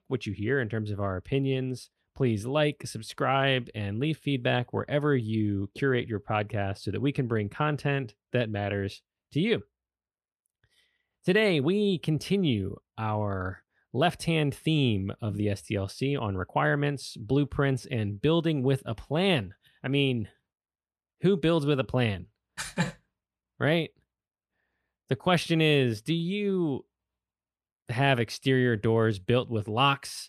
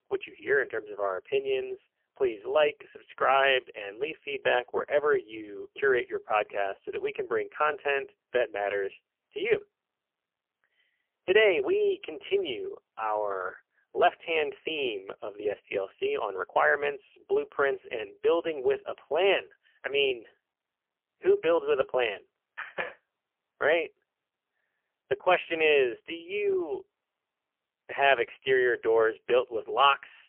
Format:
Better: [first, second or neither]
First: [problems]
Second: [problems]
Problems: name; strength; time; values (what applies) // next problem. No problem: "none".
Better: first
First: none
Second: phone-call audio; poor line; nothing above 3 kHz